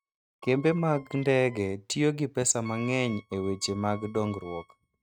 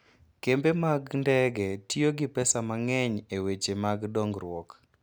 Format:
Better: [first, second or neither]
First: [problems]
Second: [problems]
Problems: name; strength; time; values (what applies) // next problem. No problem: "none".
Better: second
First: noise reduction (neural mask model RNNoise)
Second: none